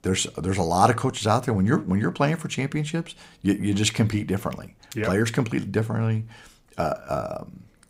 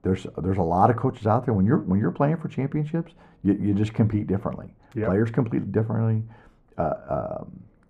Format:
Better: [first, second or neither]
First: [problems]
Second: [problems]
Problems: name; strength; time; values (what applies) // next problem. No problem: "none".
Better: first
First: none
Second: muffled; very; fading above 2.5 kHz